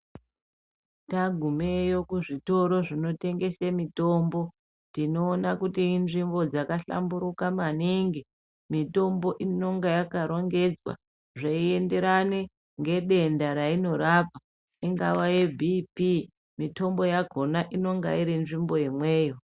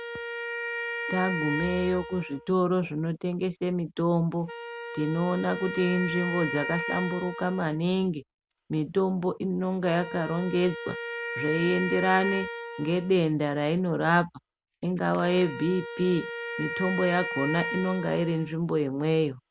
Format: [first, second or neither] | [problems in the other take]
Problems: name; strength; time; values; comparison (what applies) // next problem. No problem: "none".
first | background sound (Wind instrument, woodwind instrument); 9 dB below the speech